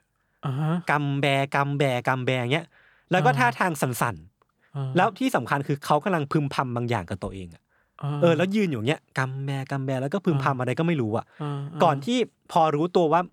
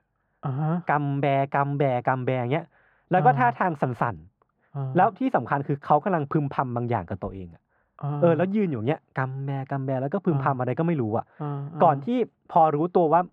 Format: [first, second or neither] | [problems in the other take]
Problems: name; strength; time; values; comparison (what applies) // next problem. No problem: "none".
first | muffled; very; fading above 4 kHz